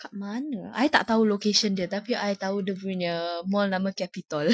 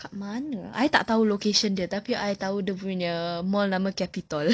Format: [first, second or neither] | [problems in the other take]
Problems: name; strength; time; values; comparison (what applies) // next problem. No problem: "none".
second | noise reduction (classical method Wiener filter)